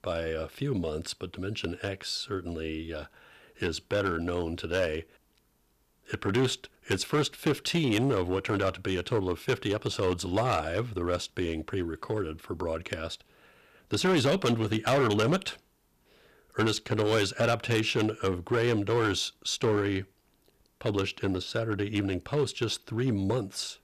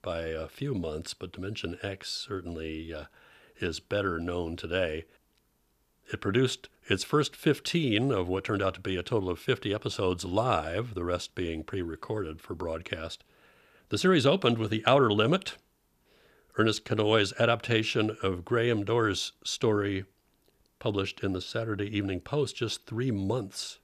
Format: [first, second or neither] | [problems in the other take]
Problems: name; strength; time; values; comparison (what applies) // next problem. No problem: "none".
second | distortion; slight; 5% of the sound clipped